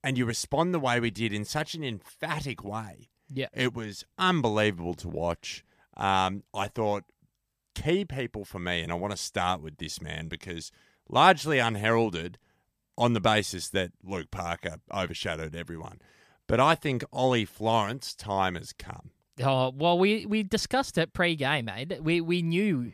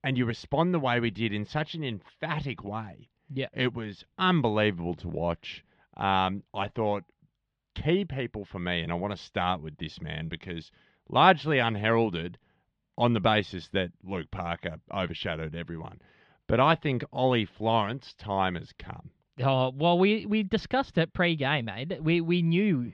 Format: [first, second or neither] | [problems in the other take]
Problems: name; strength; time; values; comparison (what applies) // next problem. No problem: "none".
first | muffled; slightly; fading above 3.5 kHz